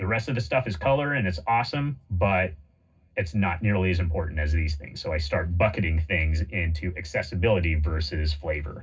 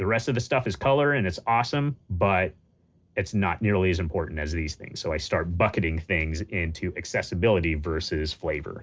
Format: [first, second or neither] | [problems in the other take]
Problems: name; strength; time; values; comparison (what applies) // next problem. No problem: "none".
second | room echo; dies away in 0.4 s